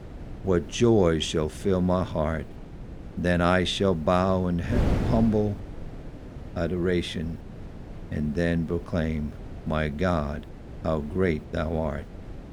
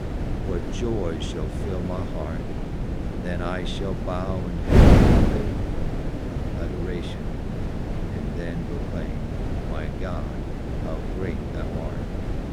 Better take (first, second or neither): first